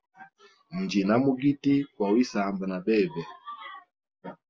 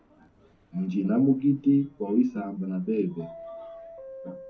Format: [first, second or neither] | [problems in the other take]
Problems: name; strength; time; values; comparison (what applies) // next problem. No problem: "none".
first | background sound (Subway, metro, underground); 19 dB below the speech // room echo; dies away in 0.3 s